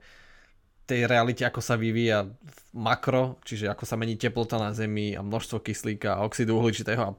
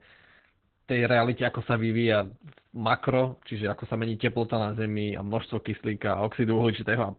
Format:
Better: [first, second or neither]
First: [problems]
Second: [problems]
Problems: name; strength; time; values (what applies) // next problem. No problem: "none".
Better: first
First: none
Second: garbled, watery; badly; nothing above 4 kHz